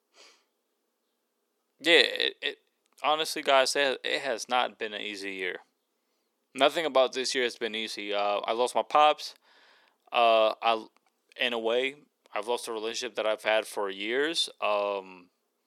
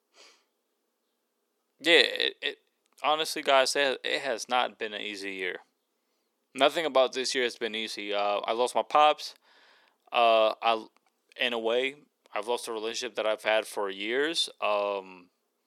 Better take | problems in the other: neither | thin; somewhat; fading below 400 Hz; the same in both

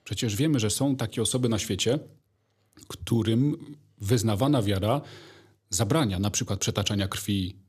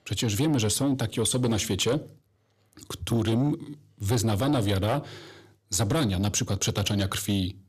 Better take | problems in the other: first | distortion; slight; 10 dB below the speech

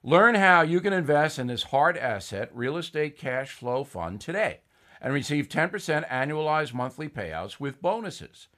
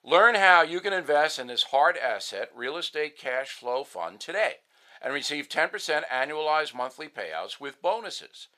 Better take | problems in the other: first | thin; very; fading below 550 Hz

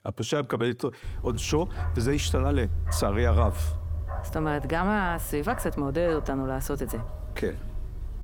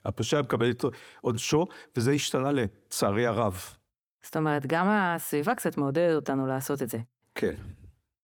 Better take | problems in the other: second | dog barking; loud; from 1 s on; peak 3 dB above the speech

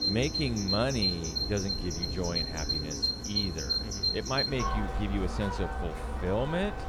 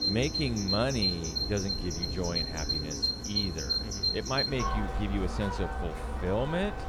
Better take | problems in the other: neither | animal sounds; very loud; throughout; 2 dB above the speech; the same in both

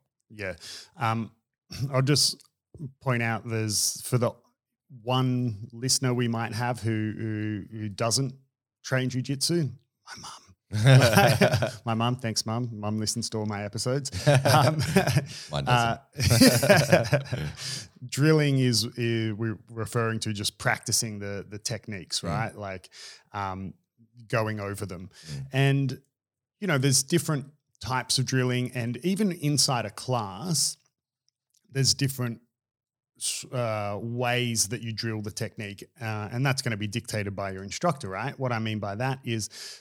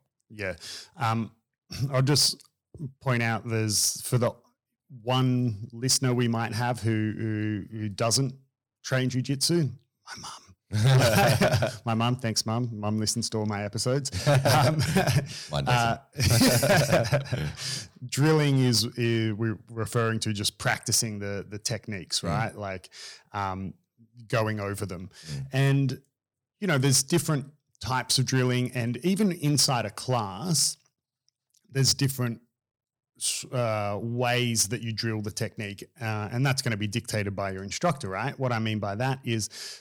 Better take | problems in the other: first | distortion; slight; 3% of the sound clipped

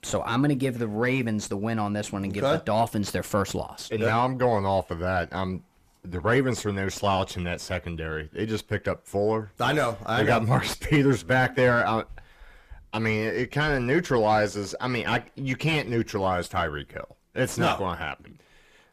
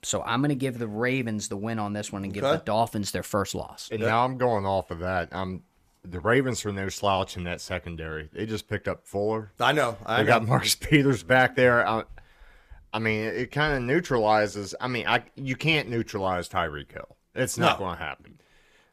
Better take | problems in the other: second | distortion; slight; 10 dB below the speech

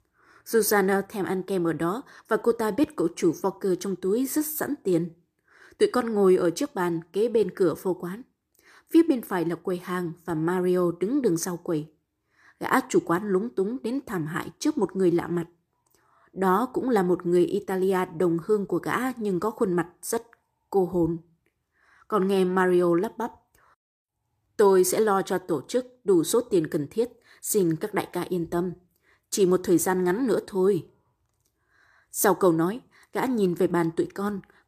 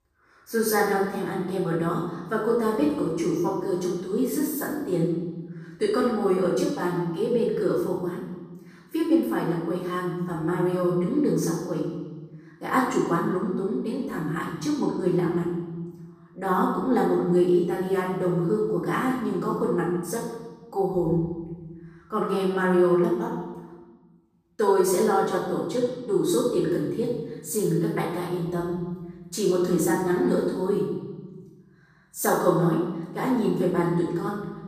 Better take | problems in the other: first | off-mic speech; far // room echo; noticeable; dies away in 1.3 s

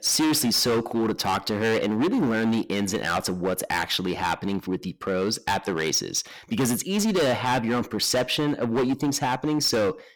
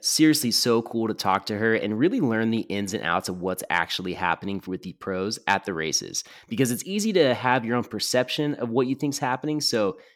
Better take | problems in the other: second | distortion; heavy; 17% of the sound clipped

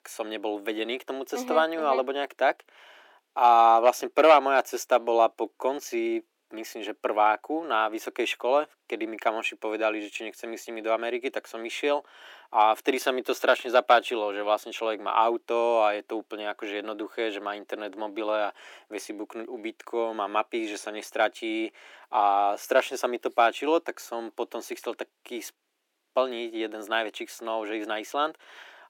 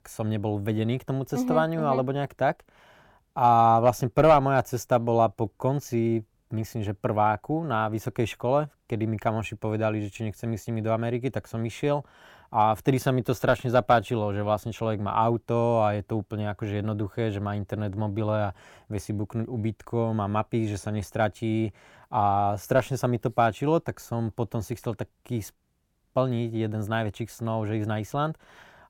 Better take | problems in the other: second | thin; very; fading below 300 Hz

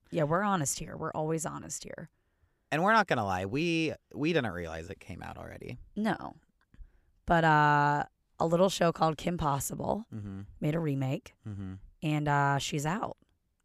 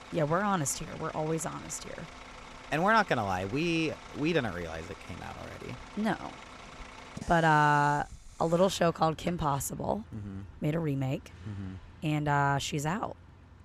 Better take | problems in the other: first | traffic noise; noticeable; throughout; 20 dB below the speech

